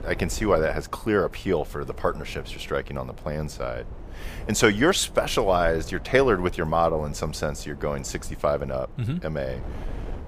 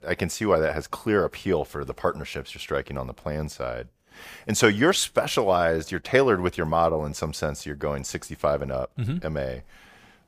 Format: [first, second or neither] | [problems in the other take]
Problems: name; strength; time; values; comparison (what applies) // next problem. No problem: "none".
second | wind noise on the microphone; occasional gusts; 20 dB below the speech